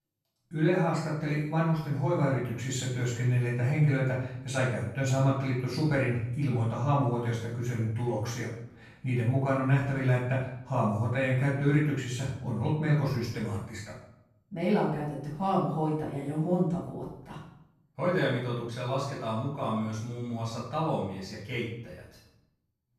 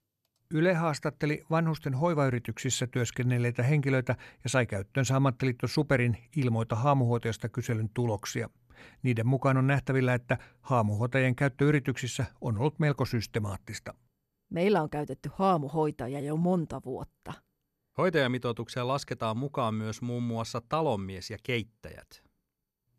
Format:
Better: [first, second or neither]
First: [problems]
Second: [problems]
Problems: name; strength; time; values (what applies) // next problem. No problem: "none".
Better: second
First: off-mic speech; far // room echo; noticeable; dies away in 0.6 s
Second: none